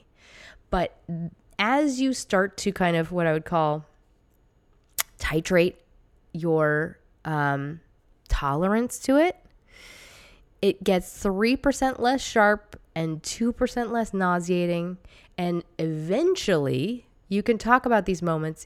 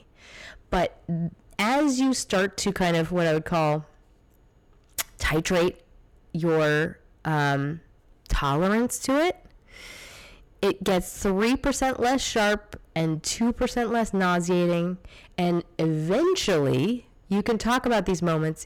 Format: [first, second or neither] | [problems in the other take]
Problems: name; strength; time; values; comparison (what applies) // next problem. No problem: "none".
first | distortion; heavy; 13% of the sound clipped